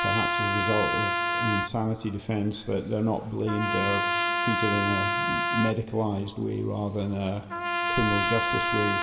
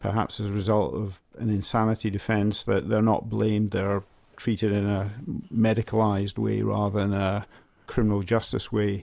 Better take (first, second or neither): second